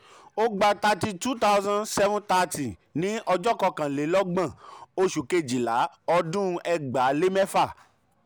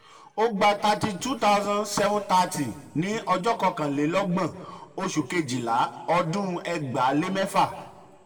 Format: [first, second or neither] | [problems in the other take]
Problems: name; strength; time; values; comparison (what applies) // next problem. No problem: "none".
first | room echo; dies away in 1.1 s